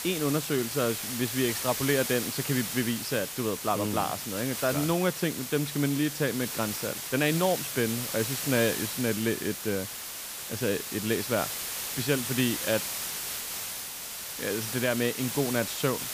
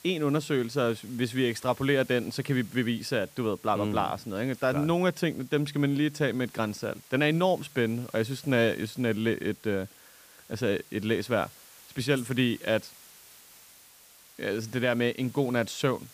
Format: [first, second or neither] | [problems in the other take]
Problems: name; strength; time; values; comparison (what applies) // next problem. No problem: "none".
second | hiss; loud; throughout; 3 dB below the speech; faint in the second